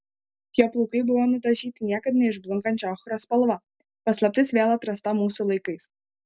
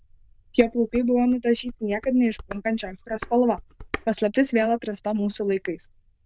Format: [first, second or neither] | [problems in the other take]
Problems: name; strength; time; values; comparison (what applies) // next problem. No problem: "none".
first | noise reduction (neural diffusion model UNIVERSE++)